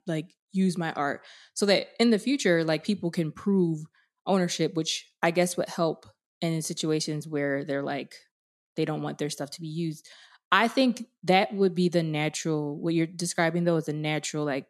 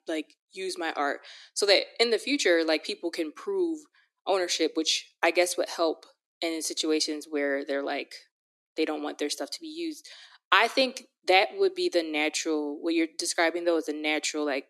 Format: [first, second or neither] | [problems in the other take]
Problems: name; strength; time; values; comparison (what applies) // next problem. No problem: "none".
first | thin; somewhat; fading below 300 Hz